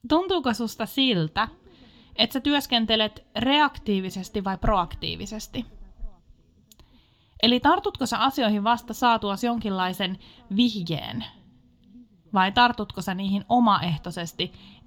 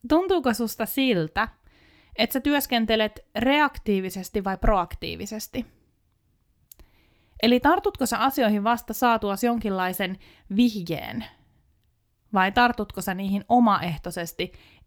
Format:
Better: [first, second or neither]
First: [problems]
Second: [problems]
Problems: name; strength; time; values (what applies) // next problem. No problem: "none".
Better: second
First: room echo; slight; dies away in 3 s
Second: none